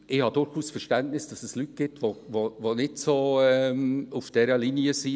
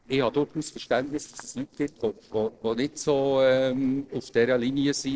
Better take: first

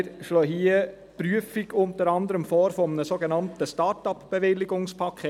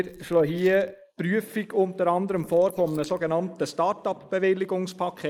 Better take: first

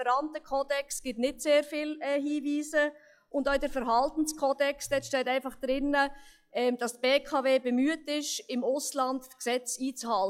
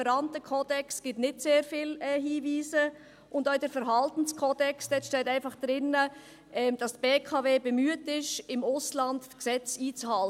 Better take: second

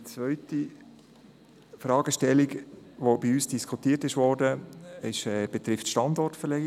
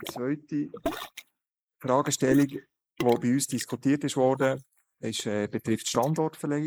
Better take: first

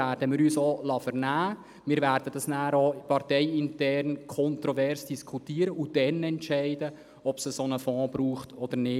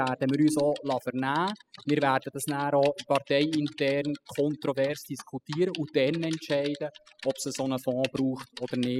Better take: first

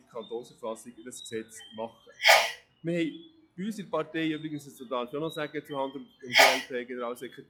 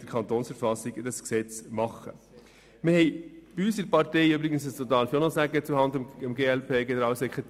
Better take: second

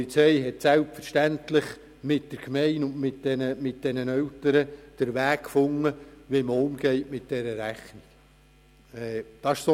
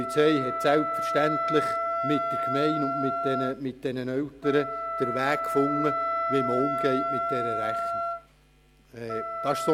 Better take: first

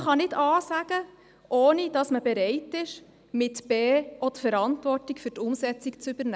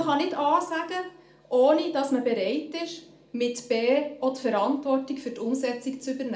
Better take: first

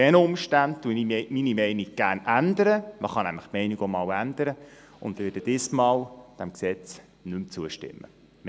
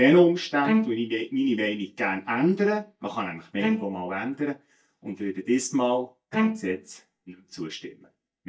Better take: first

